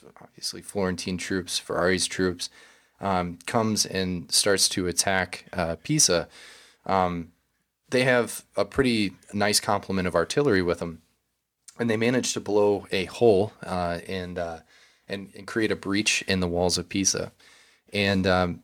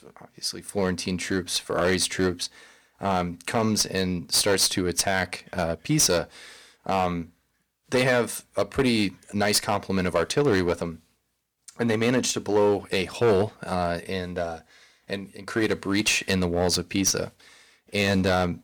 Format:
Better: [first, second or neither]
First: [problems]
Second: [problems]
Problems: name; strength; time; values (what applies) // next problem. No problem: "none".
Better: first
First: none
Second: distortion; slight; 4% of the sound clipped